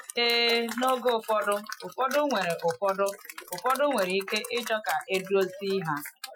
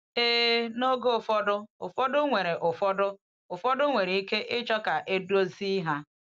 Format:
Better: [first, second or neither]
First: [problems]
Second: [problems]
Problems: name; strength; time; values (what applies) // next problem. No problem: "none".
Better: second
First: noise reduction (classical method Wiener filter)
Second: none